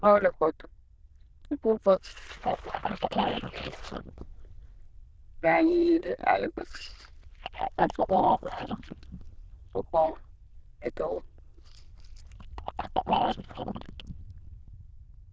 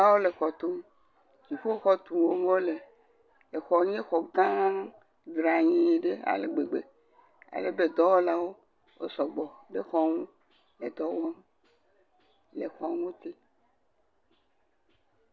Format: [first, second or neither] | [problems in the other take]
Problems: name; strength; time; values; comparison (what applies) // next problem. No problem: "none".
second | noise reduction (neural diffusion model UNIVERSE++)